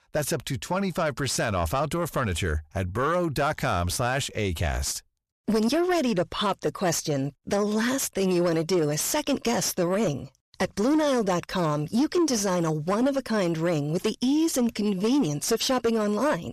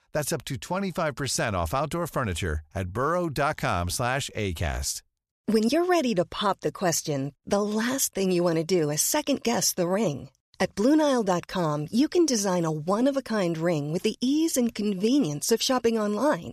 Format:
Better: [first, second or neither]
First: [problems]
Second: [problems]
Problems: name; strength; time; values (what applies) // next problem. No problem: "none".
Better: second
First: distortion; slight; 10 dB below the speech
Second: none